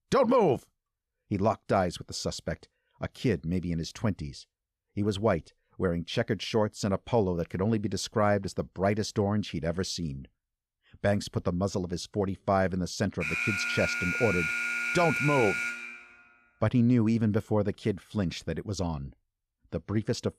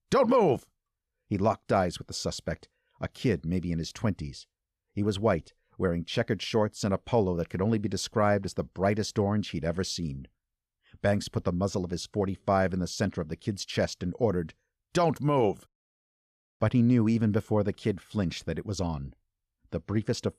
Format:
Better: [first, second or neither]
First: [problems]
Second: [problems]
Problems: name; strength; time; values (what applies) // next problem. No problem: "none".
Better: second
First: alarm; loud; from 13 to 16 s; peak 1 dB above the speech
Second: none